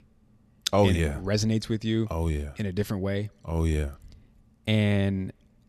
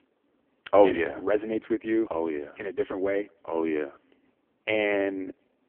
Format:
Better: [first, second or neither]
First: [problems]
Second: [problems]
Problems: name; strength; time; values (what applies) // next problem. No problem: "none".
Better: first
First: none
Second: phone-call audio; poor line; nothing above 3 kHz